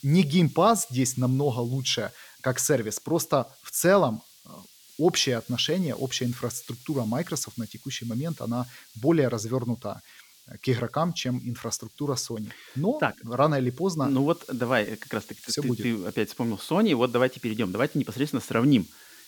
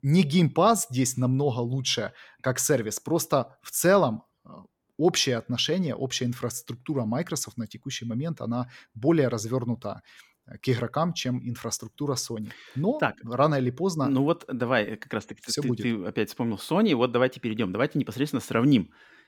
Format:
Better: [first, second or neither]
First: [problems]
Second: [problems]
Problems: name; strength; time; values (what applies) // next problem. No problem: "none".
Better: second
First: hiss; faint; throughout; 20 dB below the speech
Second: none